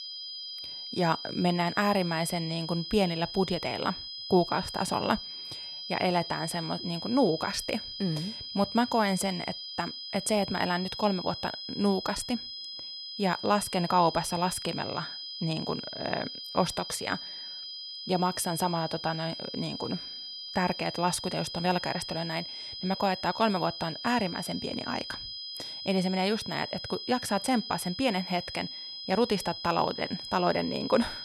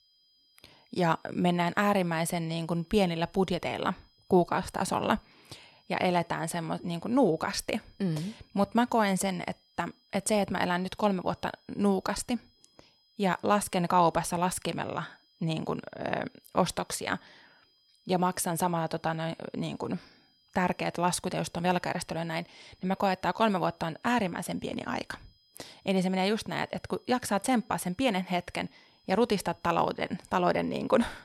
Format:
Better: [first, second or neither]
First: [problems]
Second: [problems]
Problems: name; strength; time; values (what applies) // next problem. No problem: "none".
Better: second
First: high-pitched whine; loud; throughout; 5 kHz, 7 dB below the speech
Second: high-pitched whine; faint; throughout; 5 kHz, 35 dB below the speech